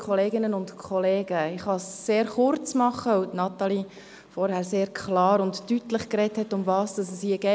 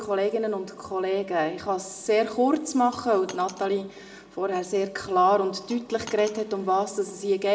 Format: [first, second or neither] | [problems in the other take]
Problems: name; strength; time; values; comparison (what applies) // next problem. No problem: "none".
first | background sound (Coin (dropping)); 20 dB below the speech // room echo; dies away in 0.8 s